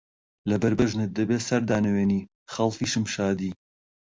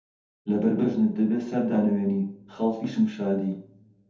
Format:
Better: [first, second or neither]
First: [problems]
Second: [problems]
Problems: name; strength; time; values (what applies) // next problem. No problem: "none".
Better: first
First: none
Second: room echo; dies away in 0.6 s